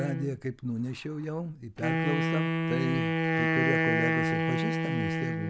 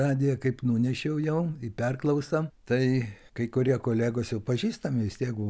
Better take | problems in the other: second | background sound (Wind instrument, woodwind instrument); 5 dB above the speech

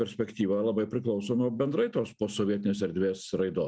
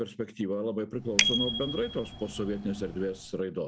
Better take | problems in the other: first | background sound (Bicycle bell); 1 dB below the speech

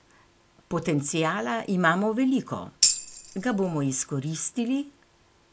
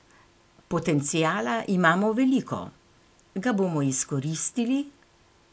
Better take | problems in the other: second | background sound (Tambourine); as loud as the speech

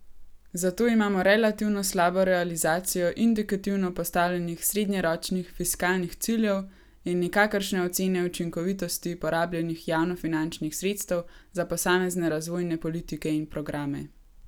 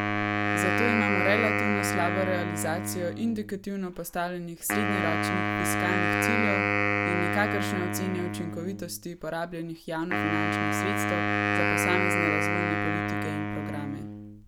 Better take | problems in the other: first | background sound (Wind instrument, woodwind instrument); 4 dB above the speech

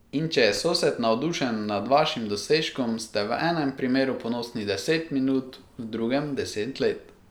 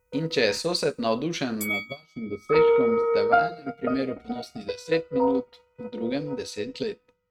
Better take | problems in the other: first | noise reduction (neural mask model RNNoise)

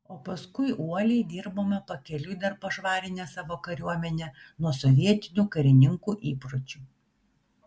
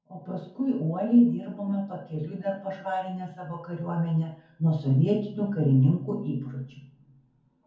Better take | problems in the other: first | room echo; dies away in 0.6 s

